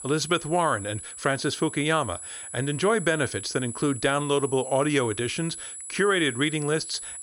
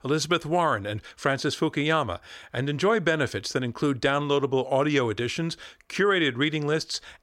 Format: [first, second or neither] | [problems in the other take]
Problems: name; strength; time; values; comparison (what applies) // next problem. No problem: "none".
second | high-pitched whine; noticeable; throughout; 10 kHz, 10 dB below the speech